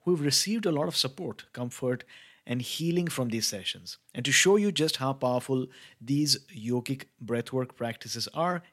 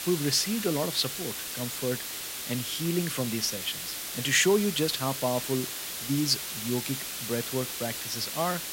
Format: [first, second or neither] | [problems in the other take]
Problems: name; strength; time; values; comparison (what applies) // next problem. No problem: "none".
first | hiss; loud; throughout; 4 dB below the speech